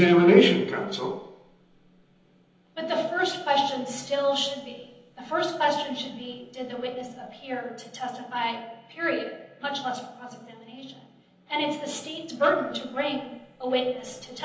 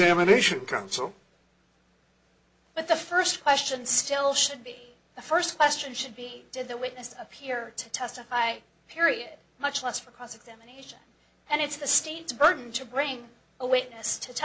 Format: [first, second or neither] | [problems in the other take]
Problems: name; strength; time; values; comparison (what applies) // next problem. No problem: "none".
second | room echo; dies away in 0.9 s